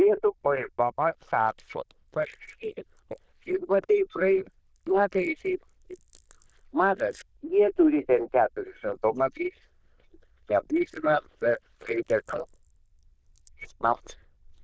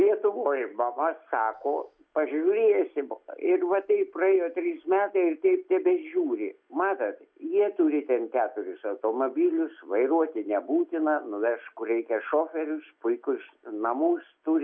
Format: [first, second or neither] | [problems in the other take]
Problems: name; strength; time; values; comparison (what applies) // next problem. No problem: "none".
second | noise reduction (neural diffusion model UNIVERSE++)